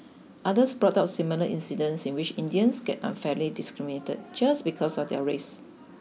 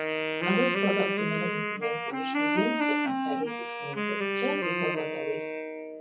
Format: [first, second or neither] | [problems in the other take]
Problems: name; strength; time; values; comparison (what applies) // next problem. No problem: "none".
first | noise reduction (classical method WPE with log-MMSE)